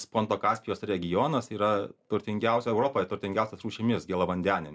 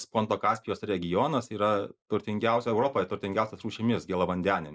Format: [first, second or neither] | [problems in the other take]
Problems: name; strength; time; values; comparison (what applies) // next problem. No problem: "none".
first | noise reduction (neural mask model Resemble Enhance denoiser)